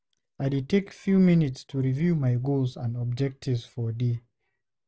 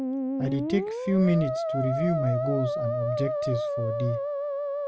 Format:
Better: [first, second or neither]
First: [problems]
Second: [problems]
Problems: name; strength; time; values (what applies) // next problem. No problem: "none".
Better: first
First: none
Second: background sound (Musical instrument); 1 dB below the speech